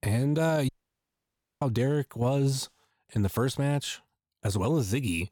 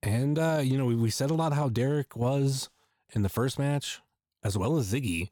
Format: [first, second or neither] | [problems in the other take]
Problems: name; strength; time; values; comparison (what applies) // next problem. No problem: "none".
second | audio cutting out; at 0.5 s for 1 s